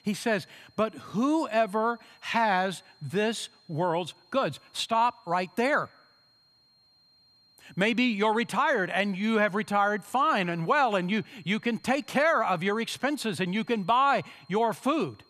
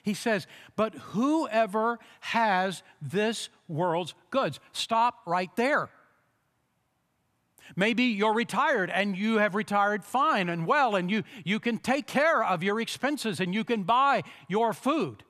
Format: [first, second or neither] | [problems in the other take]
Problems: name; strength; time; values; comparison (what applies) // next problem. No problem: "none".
second | high-pitched whine; faint; throughout; 4 kHz, 30 dB below the speech